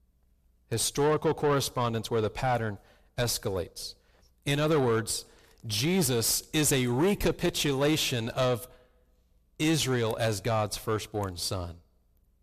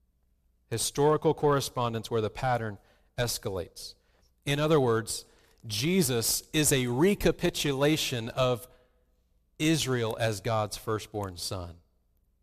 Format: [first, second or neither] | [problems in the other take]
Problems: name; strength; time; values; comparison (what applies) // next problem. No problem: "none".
second | distortion; slight; 10 dB below the speech